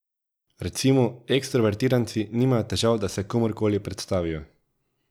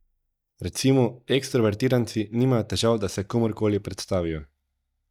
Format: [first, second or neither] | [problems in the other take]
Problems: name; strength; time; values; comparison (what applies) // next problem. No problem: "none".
first | noise reduction (neural mask model DeepFilterNet 3)